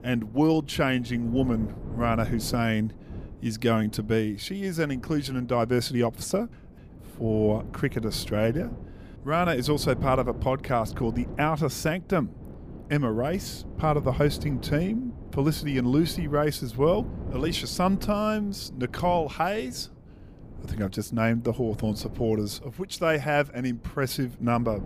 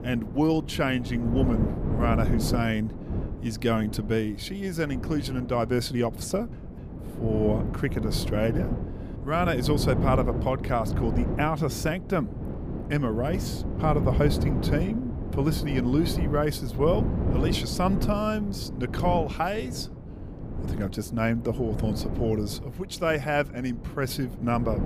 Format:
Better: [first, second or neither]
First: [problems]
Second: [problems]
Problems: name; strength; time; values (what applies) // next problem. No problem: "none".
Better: first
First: wind noise on the microphone; occasional gusts; 20 dB below the speech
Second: wind noise on the microphone; heavy; 9 dB below the speech